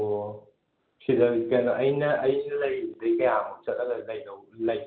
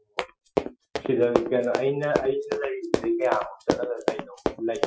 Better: first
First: none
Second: noise reduction (classical method Wiener filter)

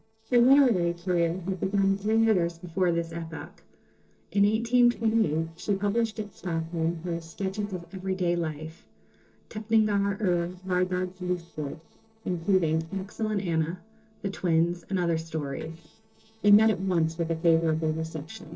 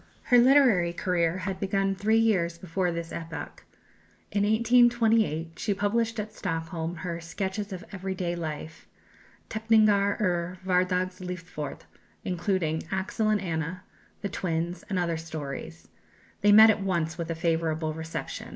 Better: second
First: noise reduction (neural separator model SepFormer DNS4)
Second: none

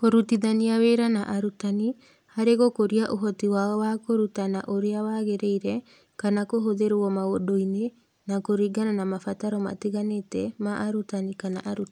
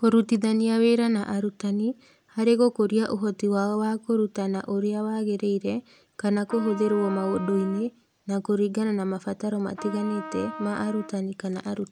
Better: first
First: none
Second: background sound (Trumpet); 14 dB below the speech

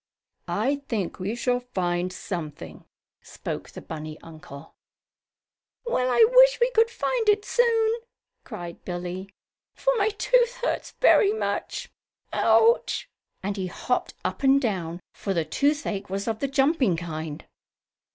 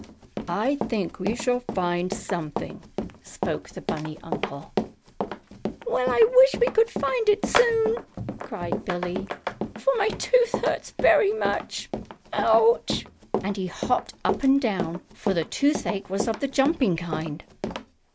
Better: first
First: none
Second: background sound (Run); 7 dB below the speech

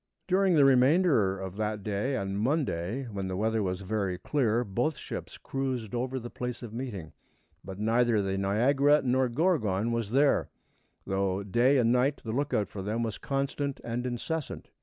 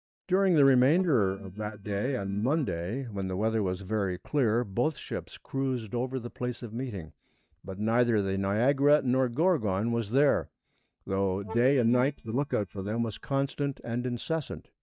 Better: first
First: none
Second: noise reduction (neural mask model DeepFilterNet 3)

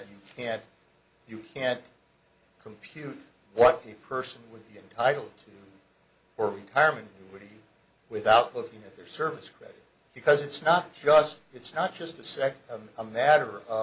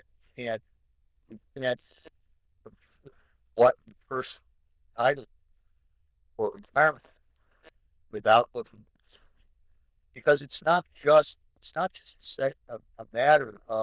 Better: first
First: none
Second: noise reduction (neural diffusion model UNIVERSE++)

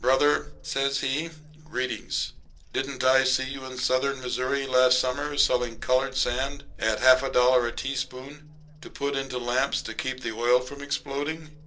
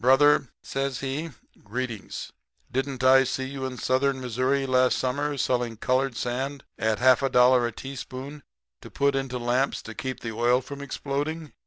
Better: second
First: background sound (Bird vocalization, bird call, bird song); 16 dB below the speech // room echo; dies away in 0.2 s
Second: none

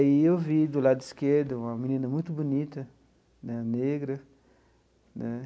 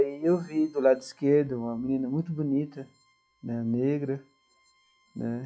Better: first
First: none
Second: noise reduction (classical method log-MMSE)

